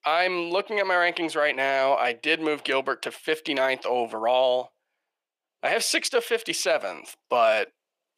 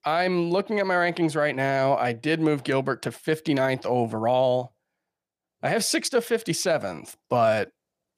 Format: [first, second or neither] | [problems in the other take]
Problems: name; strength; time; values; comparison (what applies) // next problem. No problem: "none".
second | thin; somewhat; fading below 450 Hz